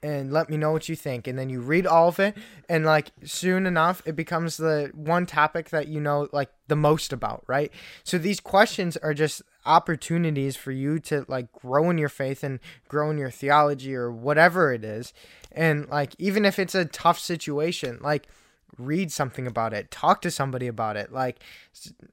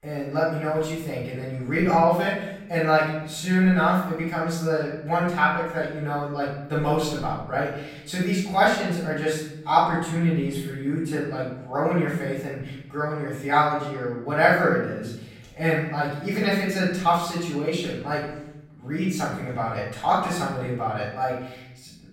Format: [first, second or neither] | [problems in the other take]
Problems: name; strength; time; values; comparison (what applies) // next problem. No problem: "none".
first | off-mic speech; far // room echo; noticeable; dies away in 0.8 s